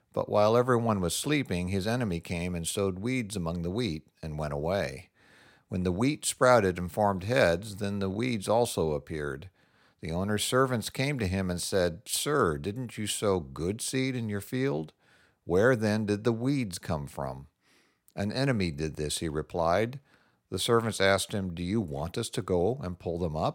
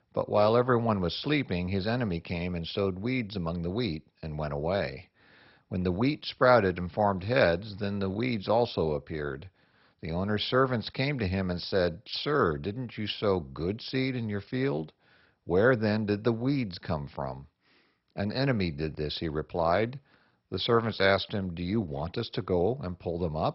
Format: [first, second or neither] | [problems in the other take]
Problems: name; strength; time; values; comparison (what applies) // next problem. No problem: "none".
first | garbled, watery; badly; nothing above 5.5 kHz